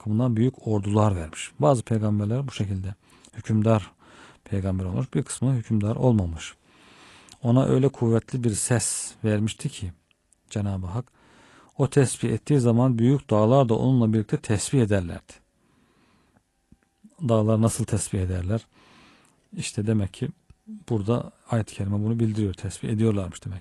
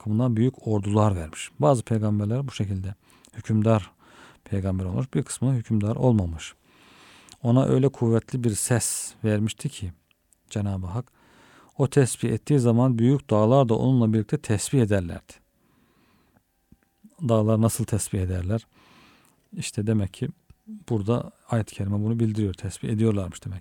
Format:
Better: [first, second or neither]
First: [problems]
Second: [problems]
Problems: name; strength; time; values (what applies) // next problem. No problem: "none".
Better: second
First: garbled, watery; slightly; nothing above 11 kHz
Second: none